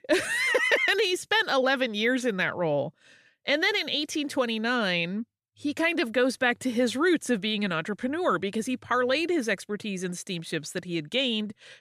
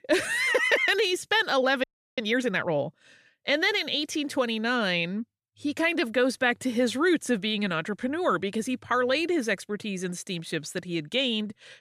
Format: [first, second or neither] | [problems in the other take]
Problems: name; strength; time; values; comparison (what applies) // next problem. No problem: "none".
first | audio freezing; at 2 s